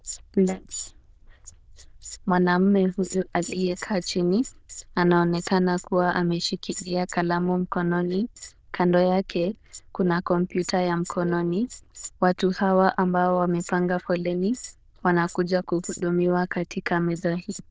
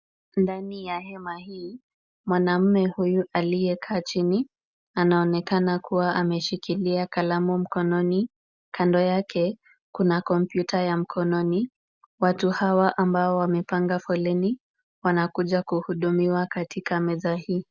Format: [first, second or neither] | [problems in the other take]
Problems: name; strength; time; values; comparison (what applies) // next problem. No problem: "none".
second | noise reduction (neural diffusion model UNIVERSE++)